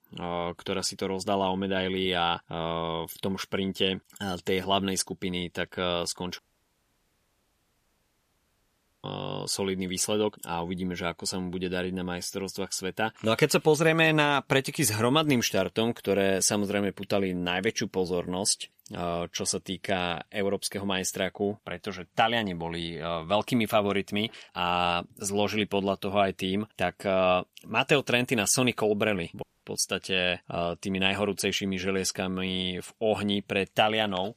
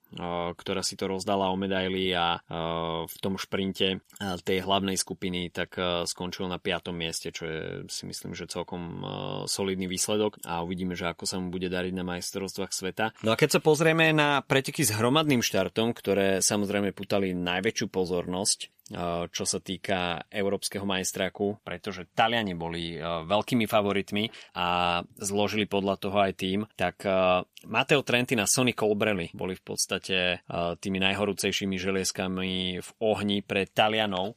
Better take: second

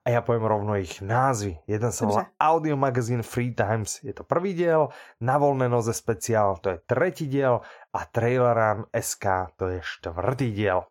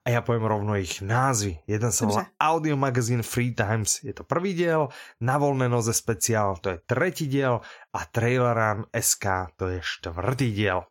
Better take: second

